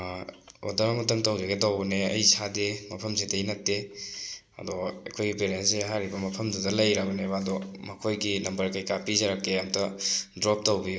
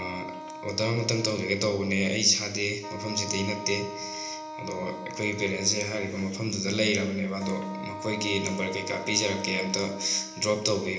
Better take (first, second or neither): first